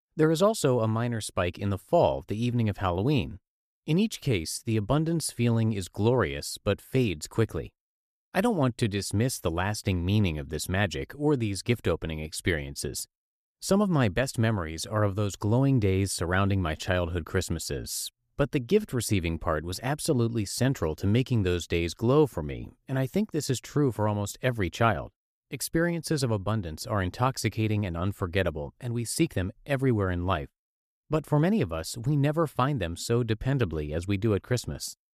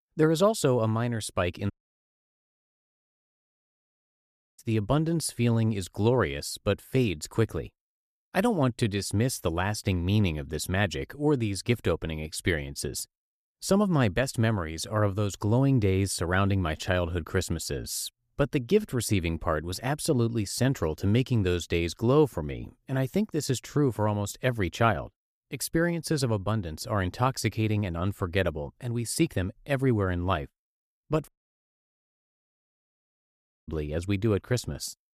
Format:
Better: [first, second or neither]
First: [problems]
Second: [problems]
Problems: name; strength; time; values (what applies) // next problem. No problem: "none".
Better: first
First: none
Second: audio cutting out; at 1.5 s for 3 s and at 31 s for 2.5 s